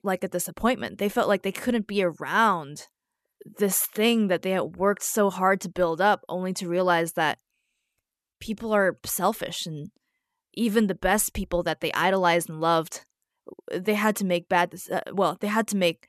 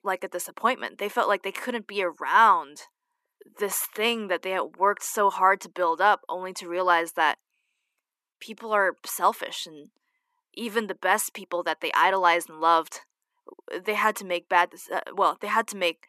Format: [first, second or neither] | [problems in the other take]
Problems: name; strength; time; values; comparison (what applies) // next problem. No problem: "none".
first | thin; somewhat; fading below 250 Hz